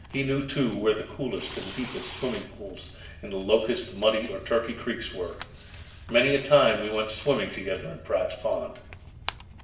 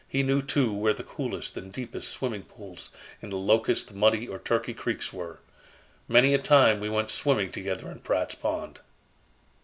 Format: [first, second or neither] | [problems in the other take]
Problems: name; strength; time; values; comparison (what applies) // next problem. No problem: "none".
second | background sound (Tearing); 16 dB below the speech // room echo; dies away in 0.7 s